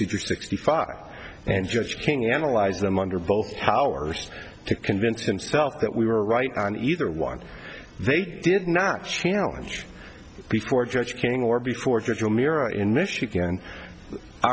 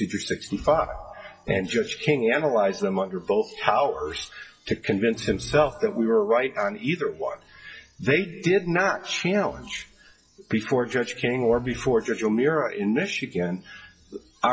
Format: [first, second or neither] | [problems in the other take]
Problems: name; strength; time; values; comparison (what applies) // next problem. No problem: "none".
first | noise reduction (classical method WPE with log-MMSE)